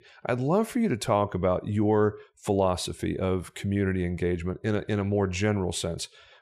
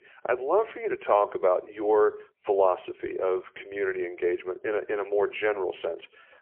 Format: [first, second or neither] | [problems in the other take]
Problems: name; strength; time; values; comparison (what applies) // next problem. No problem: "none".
first | phone-call audio; poor line; nothing above 3 kHz